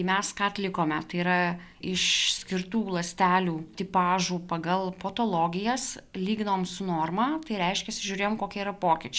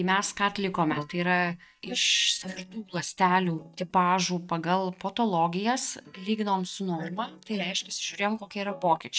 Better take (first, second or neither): first